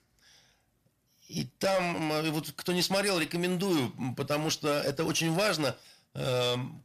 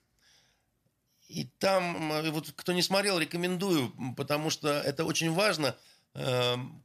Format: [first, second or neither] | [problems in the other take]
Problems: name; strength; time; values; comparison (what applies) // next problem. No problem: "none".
second | distortion; slight; 10 dB below the speech